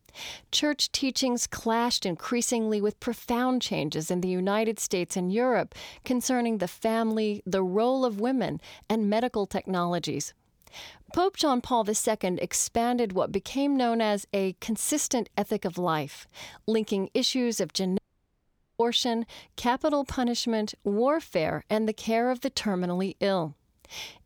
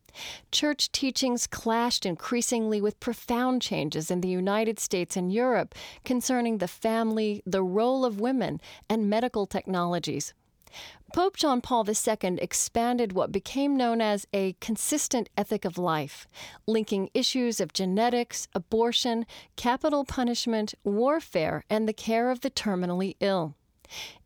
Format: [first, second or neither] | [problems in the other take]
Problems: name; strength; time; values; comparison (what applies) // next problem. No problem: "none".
second | audio cutting out; at 18 s for 1 s